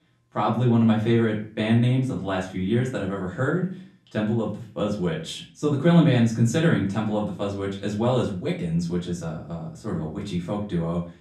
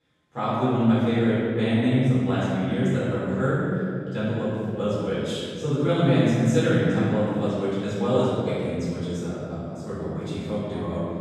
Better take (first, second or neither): first